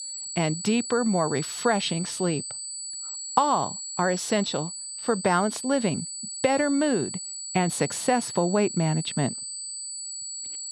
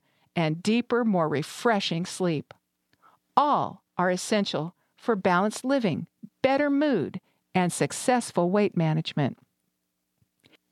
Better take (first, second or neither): second